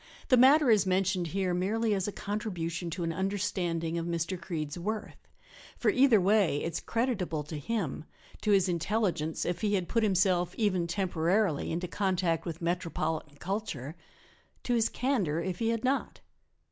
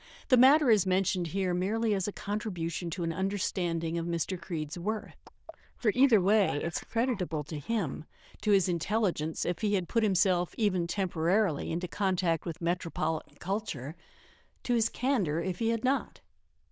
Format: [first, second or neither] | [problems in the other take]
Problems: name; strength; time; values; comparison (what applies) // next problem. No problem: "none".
first | noise reduction (neural diffusion model UNIVERSE++)